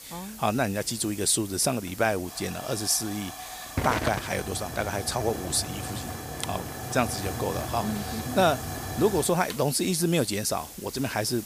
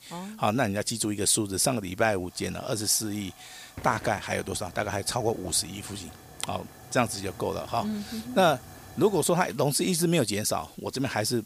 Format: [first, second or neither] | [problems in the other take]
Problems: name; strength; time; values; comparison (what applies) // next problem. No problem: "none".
second | hiss; loud; throughout; 8 dB below the speech; faint in the second